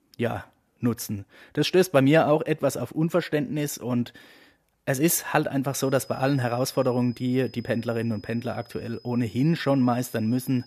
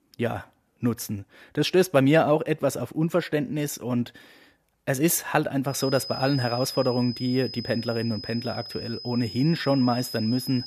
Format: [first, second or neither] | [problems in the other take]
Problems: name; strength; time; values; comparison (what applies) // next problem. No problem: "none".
first | high-pitched whine; loud; from 5.5 s on; 5 kHz, 10 dB below the speech; faint in the first